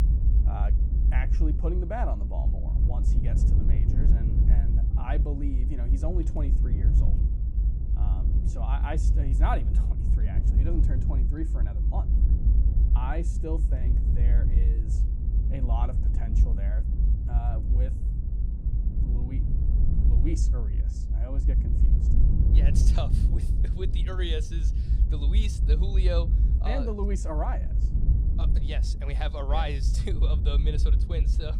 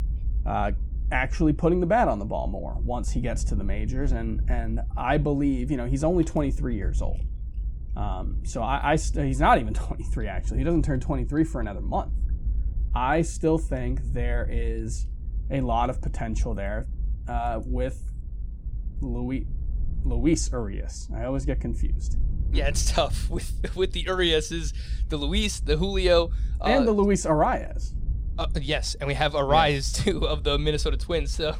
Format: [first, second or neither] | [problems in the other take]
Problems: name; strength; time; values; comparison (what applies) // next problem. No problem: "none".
second | low rumble; loud; throughout; 5 dB below the speech; faint in the second